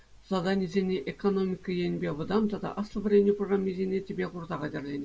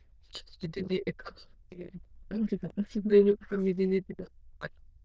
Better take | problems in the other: first | noise reduction (neural diffusion model UNIVERSE++)

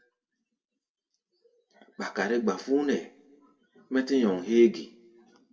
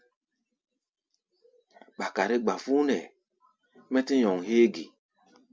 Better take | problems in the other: second | room echo; dies away in 0.5 s

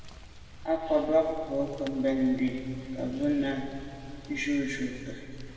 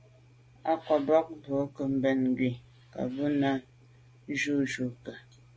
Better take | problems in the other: second | background sound (Rain); 14 dB below the speech // room echo; dies away in 2.6 s

